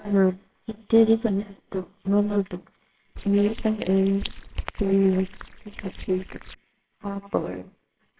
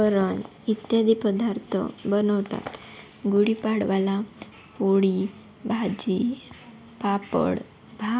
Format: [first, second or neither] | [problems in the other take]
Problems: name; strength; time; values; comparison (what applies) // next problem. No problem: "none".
second | noise reduction (neural separator model SepFormer WHAMR!)